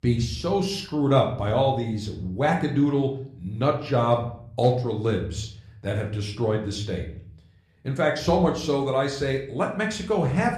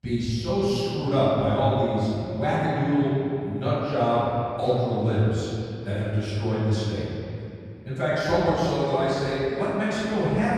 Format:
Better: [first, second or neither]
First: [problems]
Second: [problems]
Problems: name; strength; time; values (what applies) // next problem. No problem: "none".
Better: first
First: room echo; slight; dies away in 0.5 s // off-mic speech; somewhat distant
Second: room echo; strong; dies away in 2.6 s // off-mic speech; far